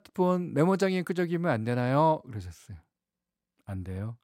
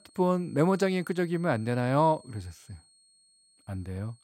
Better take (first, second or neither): first